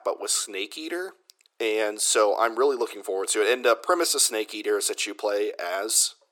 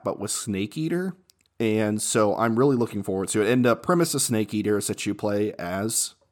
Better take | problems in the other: second | thin; very; fading below 400 Hz

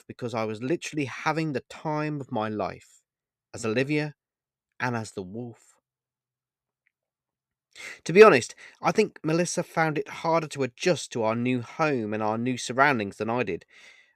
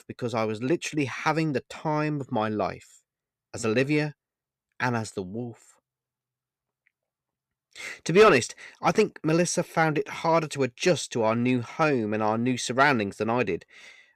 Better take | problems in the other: first | distortion; slight; 10 dB below the speech

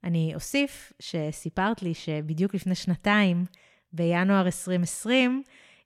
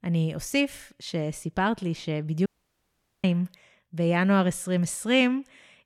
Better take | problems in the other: first | audio cutting out; at 2.5 s for 1 s

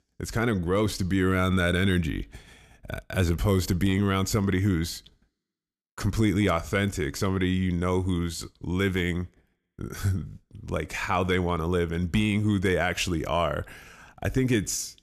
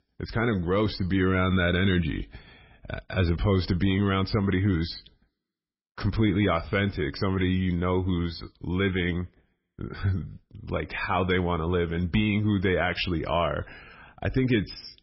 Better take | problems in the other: first | garbled, watery; badly; nothing above 5.5 kHz

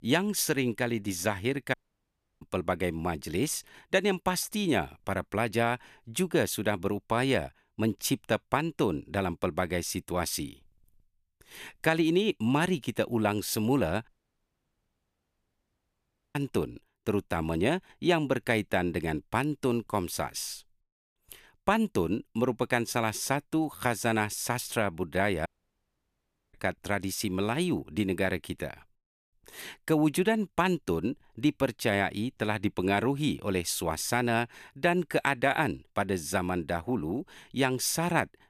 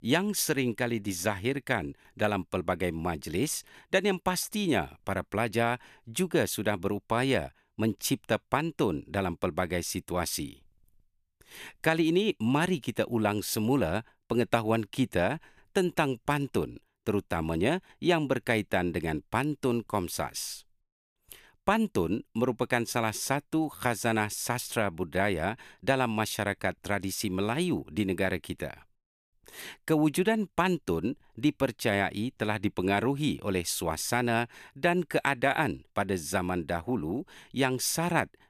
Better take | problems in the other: second | audio cutting out; at 1.5 s for 0.5 s, at 14 s for 2.5 s and at 25 s for 1 s

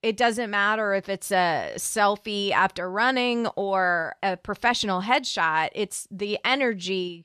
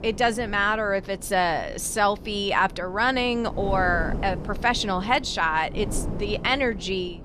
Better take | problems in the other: first | wind noise on the microphone; occasional gusts; 20 dB below the speech

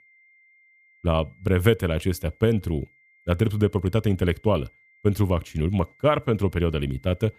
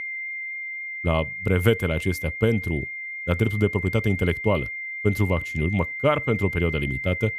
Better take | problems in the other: first | high-pitched whine; loud; throughout; 2 kHz, 6 dB below the speech; faint in the first

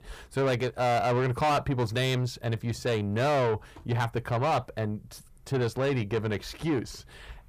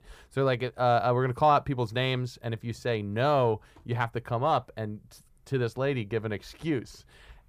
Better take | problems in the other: second | distortion; heavy; 8 dB below the speech

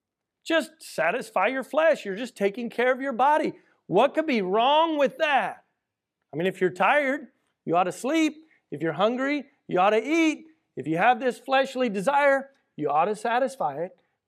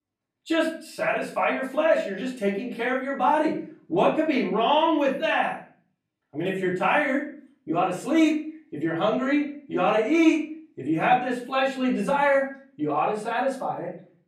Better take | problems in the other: first | off-mic speech; far // room echo; slight; dies away in 0.4 s

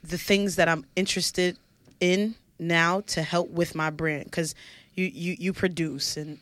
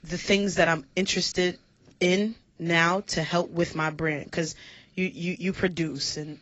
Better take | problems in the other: first | garbled, watery; badly; nothing above 7.5 kHz

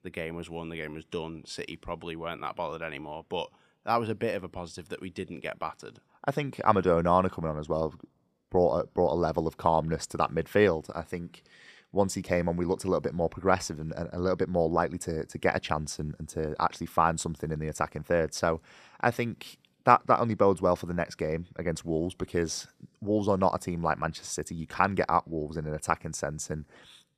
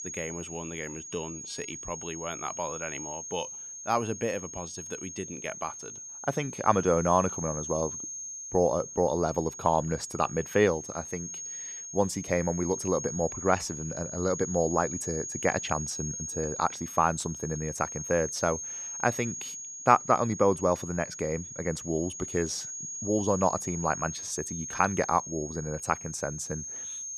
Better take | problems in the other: first | high-pitched whine; loud; throughout; 6.5 kHz, 7 dB below the speech

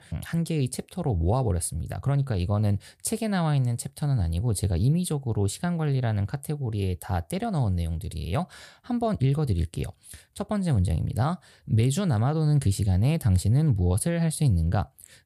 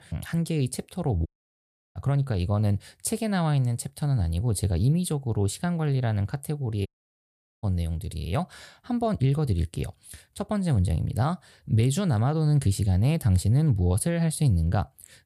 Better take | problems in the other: first | audio cutting out; at 1.5 s for 0.5 s and at 7 s for 1 s

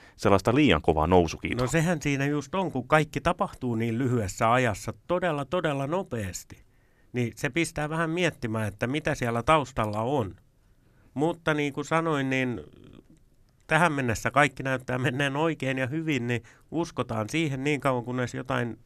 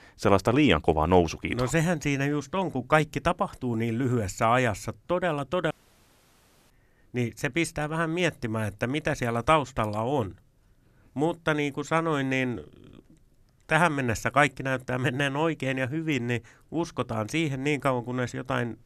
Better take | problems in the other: first | audio cutting out; at 5.5 s for 1 s

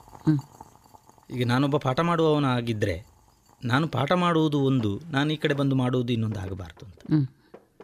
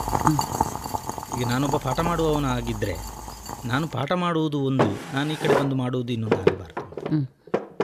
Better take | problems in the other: first | household noises; loud; throughout; 2 dB below the speech; faint in the first

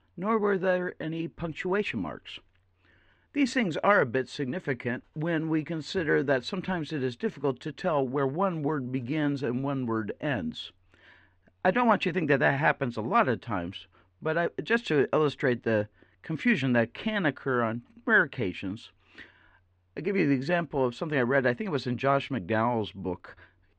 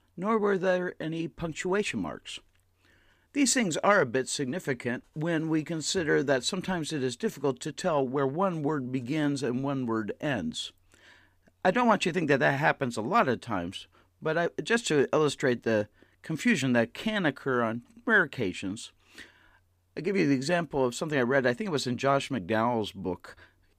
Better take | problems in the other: second | muffled; slightly; fading above 2.5 kHz

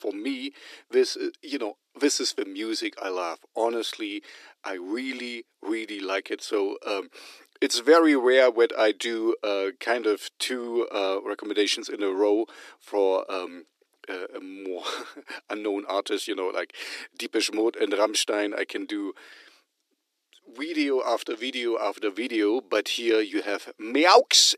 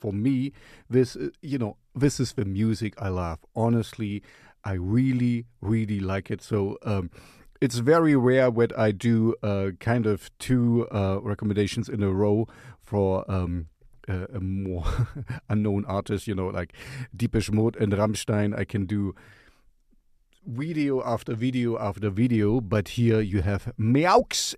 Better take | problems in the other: second | thin; somewhat; fading below 300 Hz

